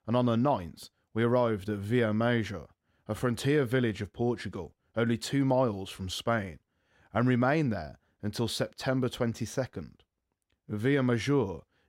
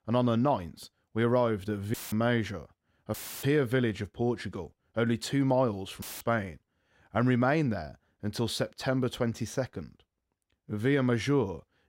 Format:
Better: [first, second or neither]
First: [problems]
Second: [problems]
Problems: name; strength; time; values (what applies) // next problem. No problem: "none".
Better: first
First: none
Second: audio cutting out; filled with static; at 2 s, at 3 s and at 6 s